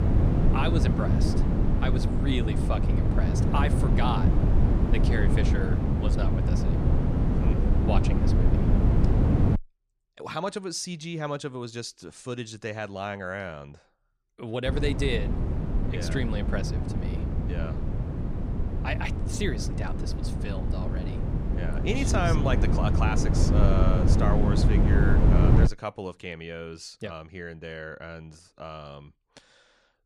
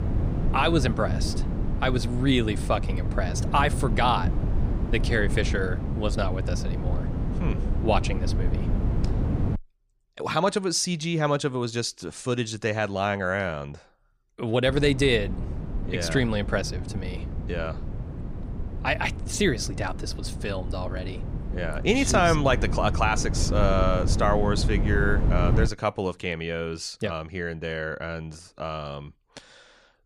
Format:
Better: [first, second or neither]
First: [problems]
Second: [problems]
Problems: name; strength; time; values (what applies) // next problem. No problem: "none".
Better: second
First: wind noise on the microphone; heavy; until 9.5 s and from 15 to 26 s; 1 dB below the speech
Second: wind noise on the microphone; occasional gusts; until 9.5 s and from 15 to 26 s; 10 dB below the speech